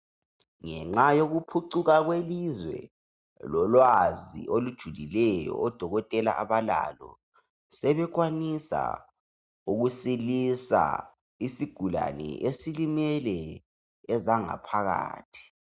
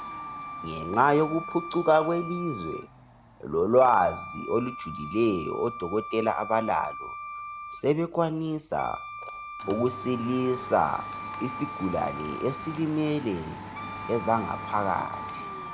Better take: first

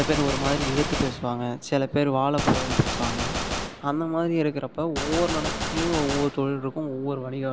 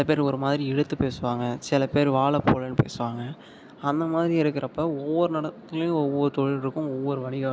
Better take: second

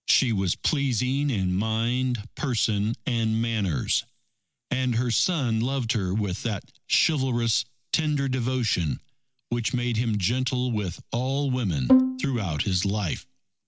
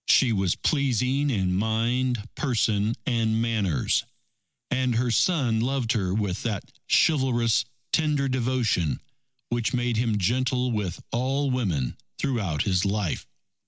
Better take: second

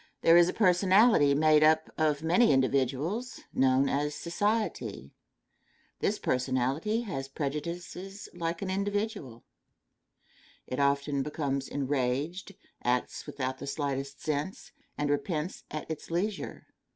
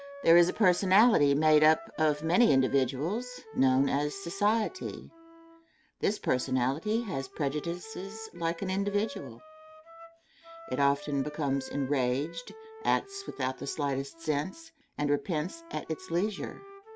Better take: first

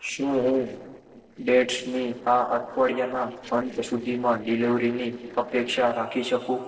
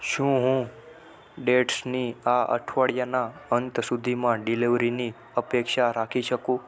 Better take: second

